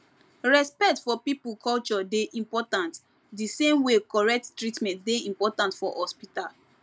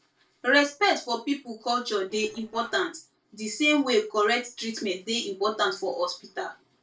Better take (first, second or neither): first